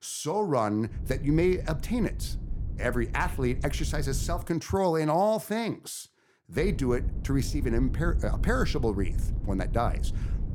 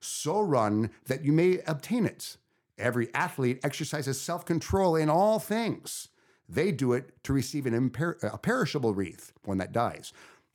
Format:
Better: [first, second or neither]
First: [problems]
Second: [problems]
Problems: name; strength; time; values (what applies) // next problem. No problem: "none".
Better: second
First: low rumble; noticeable; from 1 to 4.5 s and from 6.5 s on; 20 dB below the speech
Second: none